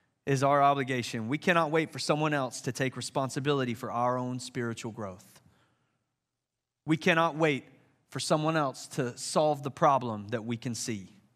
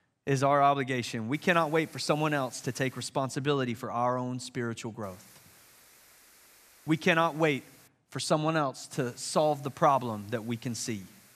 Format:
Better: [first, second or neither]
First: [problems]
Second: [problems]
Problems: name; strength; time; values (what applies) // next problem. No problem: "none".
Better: first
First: none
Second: hiss; faint; from 1.5 to 3 s, from 5 to 8 s and from 9 s on; 25 dB below the speech